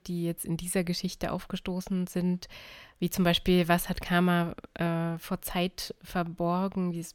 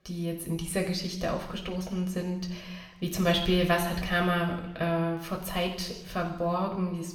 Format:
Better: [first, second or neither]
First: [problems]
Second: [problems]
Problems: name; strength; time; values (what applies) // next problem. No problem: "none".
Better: first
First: none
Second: room echo; noticeable; dies away in 1 s // off-mic speech; somewhat distant